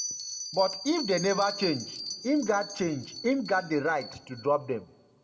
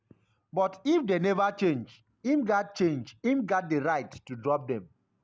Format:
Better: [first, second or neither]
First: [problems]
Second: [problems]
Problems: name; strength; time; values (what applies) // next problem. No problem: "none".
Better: second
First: background sound (Bell); 10 dB below the speech // room echo; dies away in 0.4 s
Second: none